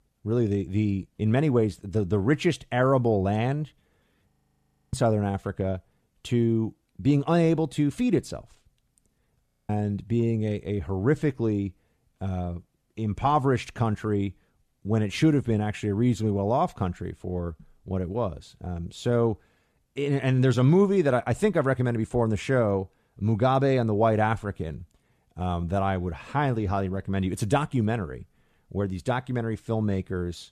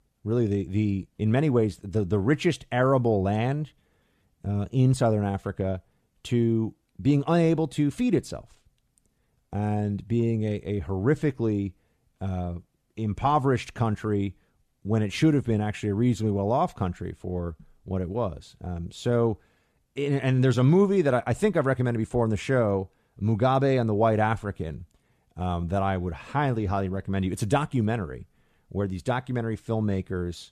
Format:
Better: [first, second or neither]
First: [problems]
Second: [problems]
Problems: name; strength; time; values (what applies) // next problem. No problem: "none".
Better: second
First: audio freezing; at 4.5 s for 0.5 s and at 9.5 s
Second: none